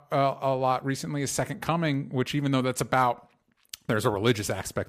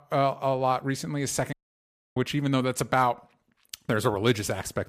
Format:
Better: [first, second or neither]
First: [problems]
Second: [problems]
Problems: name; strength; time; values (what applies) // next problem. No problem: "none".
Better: first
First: none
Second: audio cutting out; at 1.5 s for 0.5 s